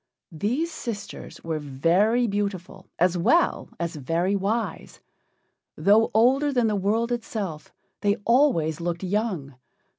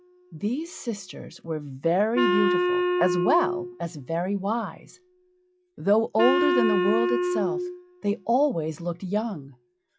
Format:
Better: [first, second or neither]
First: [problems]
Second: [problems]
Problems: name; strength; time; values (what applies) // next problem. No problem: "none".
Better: first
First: none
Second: noise reduction (classical method log-MMSE)